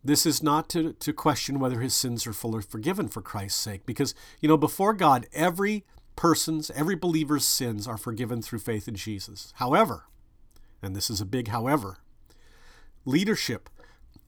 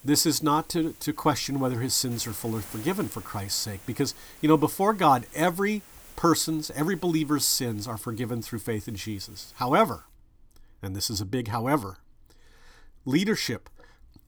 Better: first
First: none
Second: hiss; faint; until 10 s; 20 dB below the speech

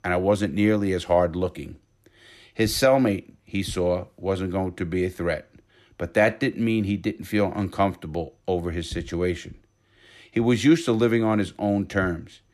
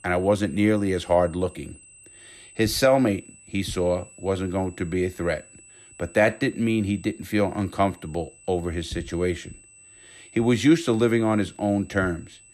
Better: first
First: none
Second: high-pitched whine; faint; throughout; 8 kHz, 25 dB below the speech

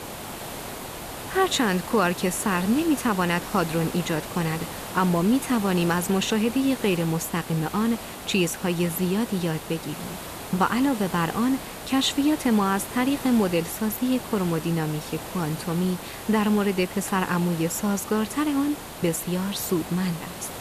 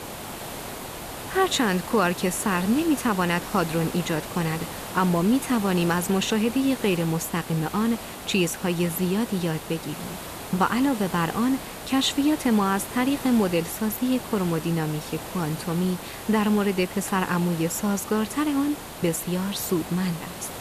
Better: neither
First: hiss; noticeable; throughout; 10 dB below the speech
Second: hiss; noticeable; throughout; 10 dB below the speech

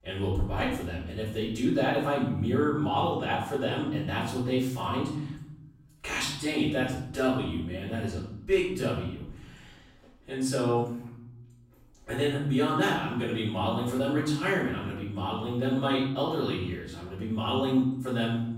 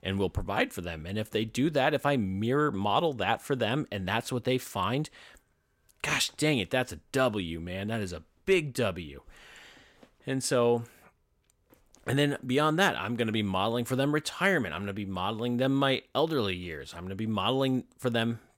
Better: second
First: off-mic speech; far // room echo; noticeable; dies away in 1 s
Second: none

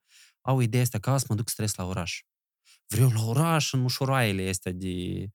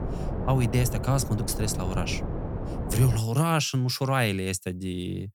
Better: first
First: none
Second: wind noise on the microphone; heavy; until 3 s; 8 dB below the speech

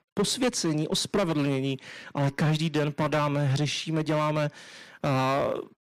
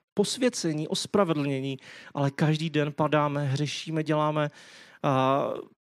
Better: second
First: distortion; heavy; 11% of the sound clipped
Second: none

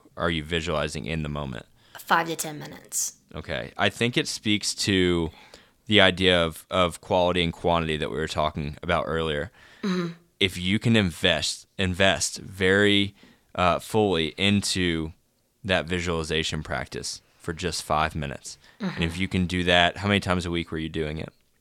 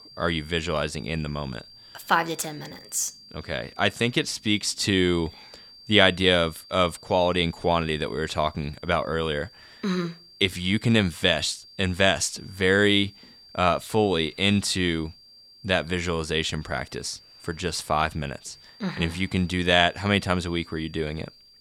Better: first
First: none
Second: high-pitched whine; faint; throughout; 4.5 kHz, 25 dB below the speech

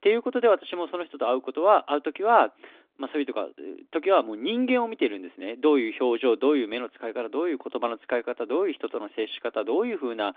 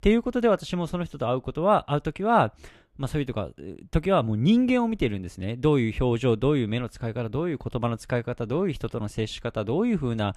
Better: second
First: phone-call audio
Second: none

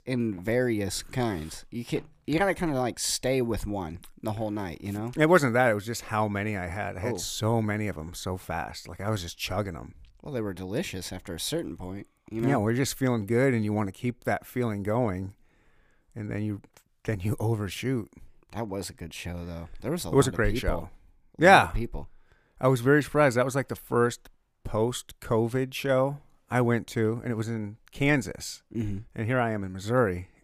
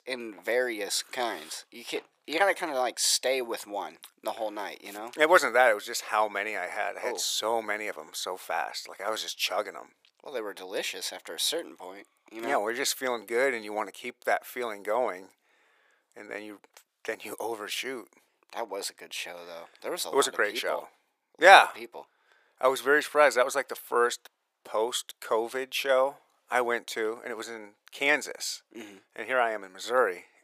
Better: first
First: none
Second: thin; very; fading below 500 Hz

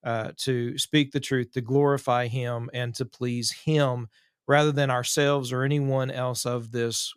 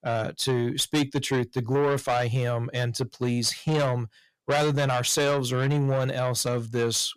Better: first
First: none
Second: distortion; heavy; 7 dB below the speech

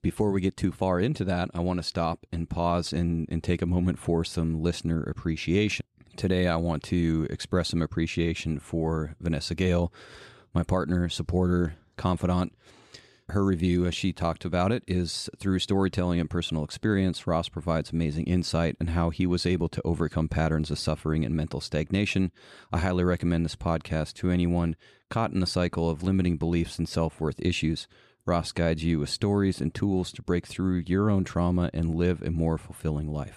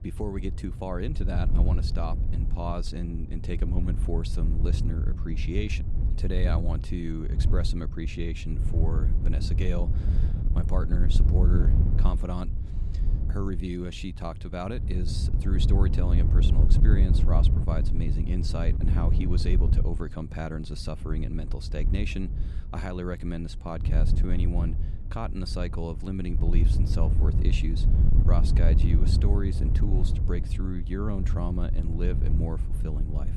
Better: first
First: none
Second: wind noise on the microphone; heavy; 5 dB below the speech

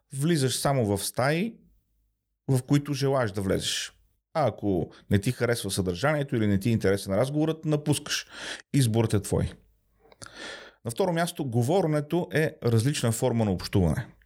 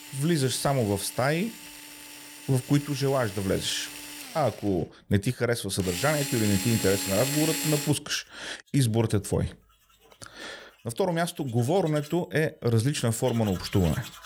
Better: first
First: none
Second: machinery noise; loud; throughout; 8 dB below the speech

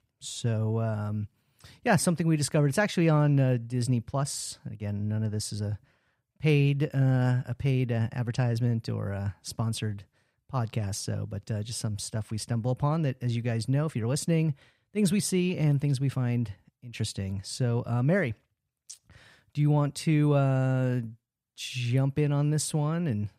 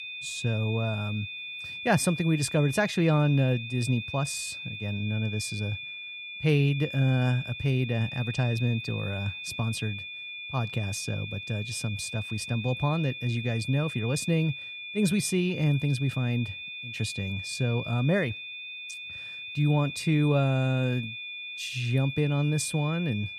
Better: first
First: none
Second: high-pitched whine; loud; throughout; 2.5 kHz, 8 dB below the speech

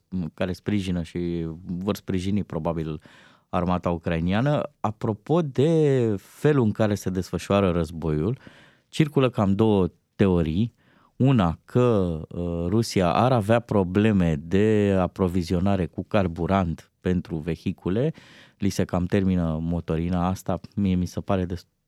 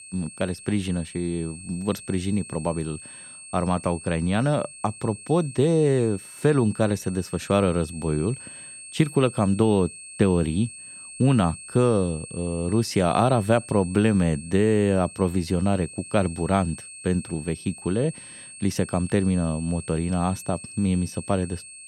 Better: first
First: none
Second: high-pitched whine; noticeable; throughout; 8.5 kHz, 15 dB below the speech

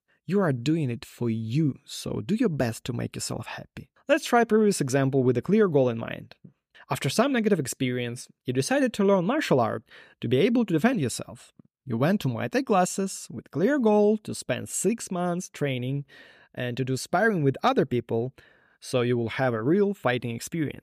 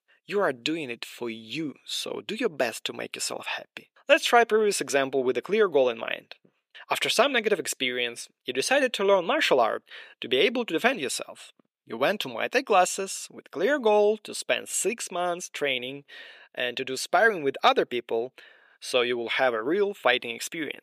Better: first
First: none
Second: thin; somewhat; fading below 500 Hz

